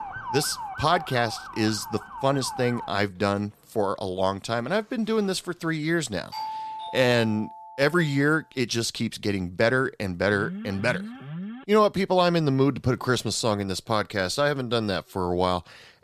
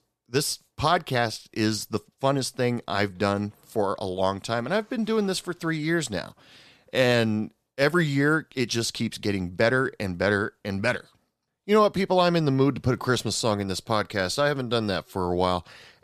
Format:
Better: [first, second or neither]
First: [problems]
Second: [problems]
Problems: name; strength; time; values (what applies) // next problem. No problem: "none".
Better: second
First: siren; noticeable; until 3 s; peak 8 dB below the speech // doorbell; noticeable; from 6.5 to 8 s; peak 7 dB below the speech // alarm; faint; from 10 to 12 s; peak 10 dB below the speech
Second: none